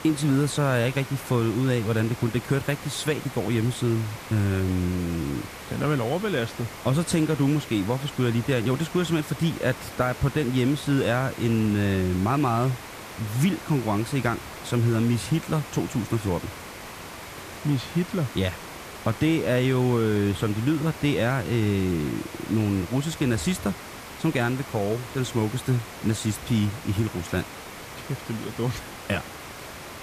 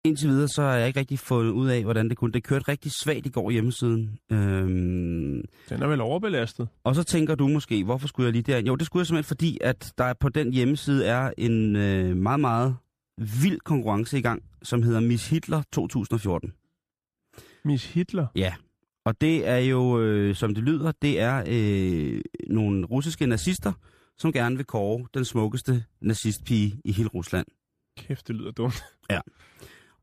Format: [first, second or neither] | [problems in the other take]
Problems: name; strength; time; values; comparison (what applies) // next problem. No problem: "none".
second | hiss; noticeable; throughout; 15 dB below the speech